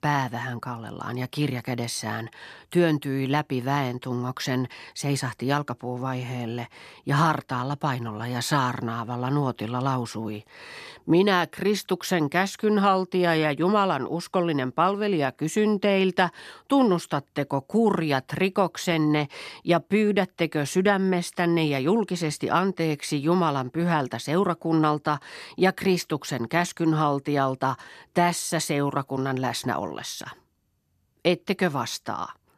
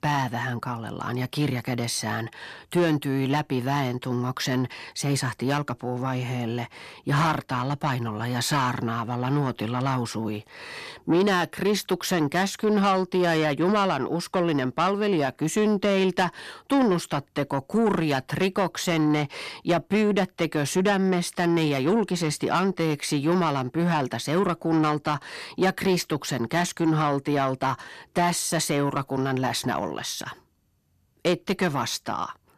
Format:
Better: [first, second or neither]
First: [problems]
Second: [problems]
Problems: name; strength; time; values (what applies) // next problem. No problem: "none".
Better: first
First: none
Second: distortion; slight; 10 dB below the speech